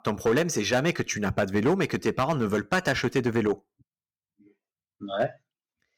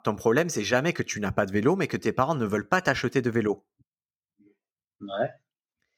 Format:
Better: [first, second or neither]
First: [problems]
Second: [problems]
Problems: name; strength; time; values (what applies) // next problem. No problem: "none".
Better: second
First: distortion; slight; 4% of the sound clipped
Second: none